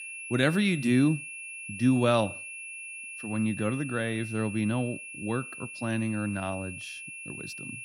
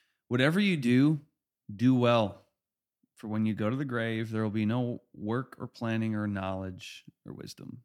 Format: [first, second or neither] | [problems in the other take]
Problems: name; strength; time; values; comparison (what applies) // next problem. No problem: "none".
second | high-pitched whine; noticeable; throughout; 2.5 kHz, 10 dB below the speech